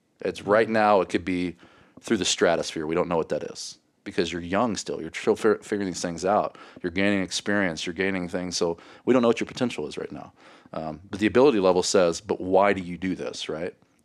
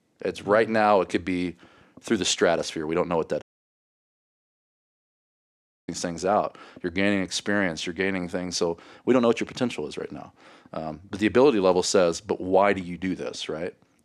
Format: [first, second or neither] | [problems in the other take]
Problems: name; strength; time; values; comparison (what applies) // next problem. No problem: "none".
first | audio cutting out; at 3.5 s for 2.5 s